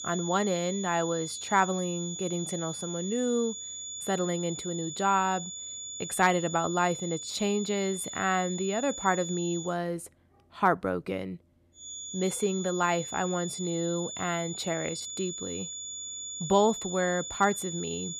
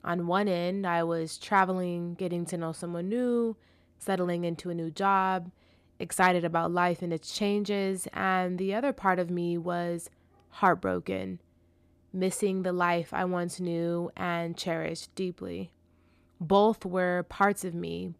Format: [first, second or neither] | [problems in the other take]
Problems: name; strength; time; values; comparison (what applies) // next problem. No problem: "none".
second | high-pitched whine; loud; until 9.5 s and from 12 s on; 7 kHz, 7 dB below the speech